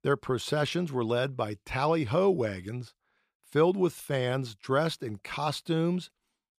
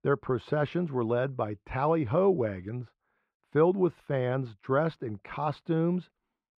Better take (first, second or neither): first